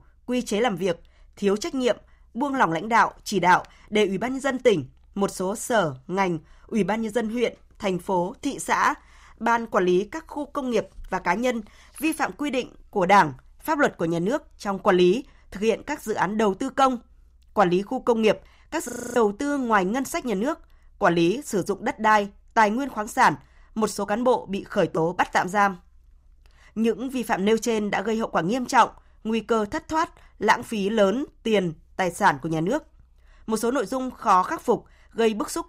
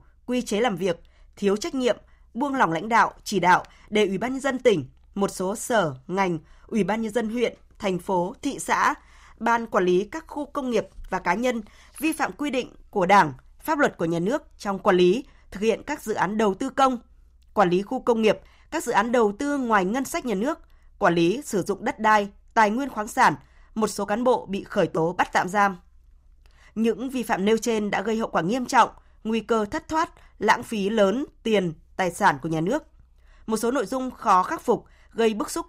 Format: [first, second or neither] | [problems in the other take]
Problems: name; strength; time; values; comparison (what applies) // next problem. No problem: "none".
second | audio freezing; at 19 s